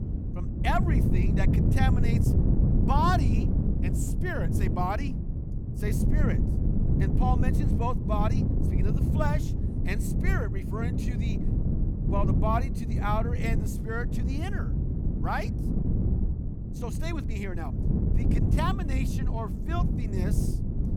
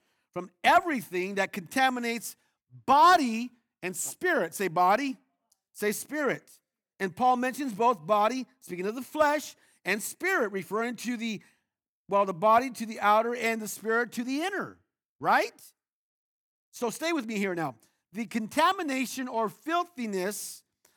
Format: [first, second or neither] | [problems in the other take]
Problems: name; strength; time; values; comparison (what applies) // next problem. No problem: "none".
second | wind noise on the microphone; heavy; 5 dB below the speech